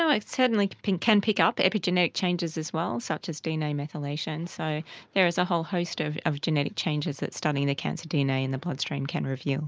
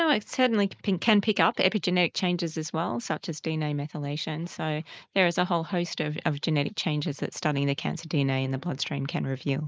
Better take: first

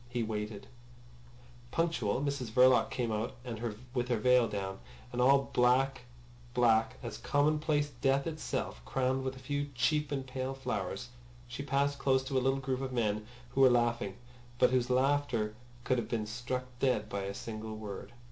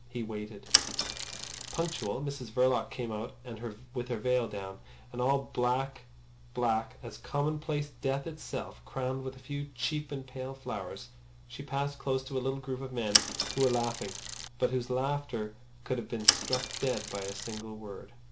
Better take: first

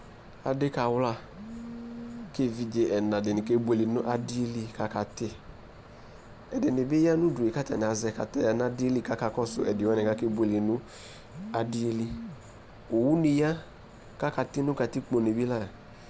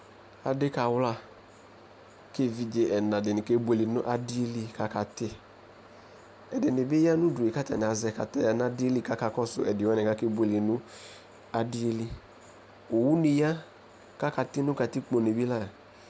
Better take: second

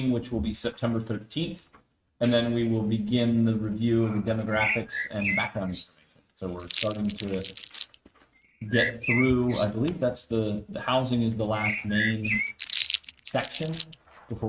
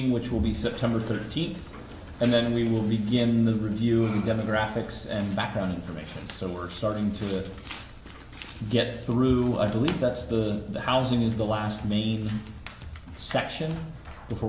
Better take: second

